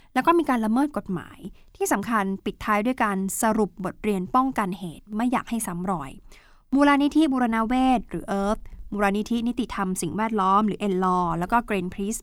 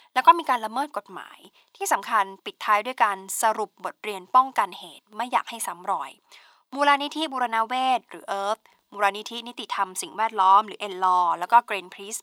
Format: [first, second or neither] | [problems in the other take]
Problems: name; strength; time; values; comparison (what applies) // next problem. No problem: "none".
first | thin; very; fading below 650 Hz